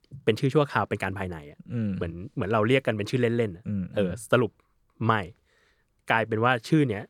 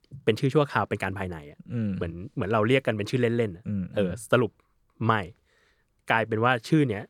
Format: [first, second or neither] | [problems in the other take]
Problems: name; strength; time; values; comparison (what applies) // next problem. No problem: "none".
neither | none